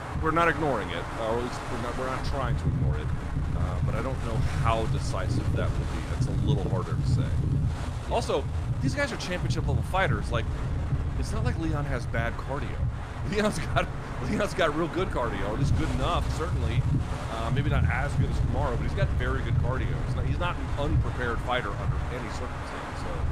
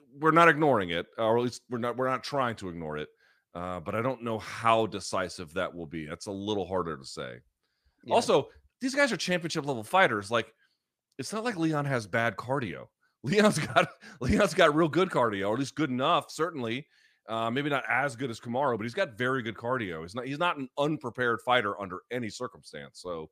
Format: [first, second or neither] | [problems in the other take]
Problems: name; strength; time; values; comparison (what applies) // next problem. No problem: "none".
second | wind in the background; very loud; throughout; 2 dB above the speech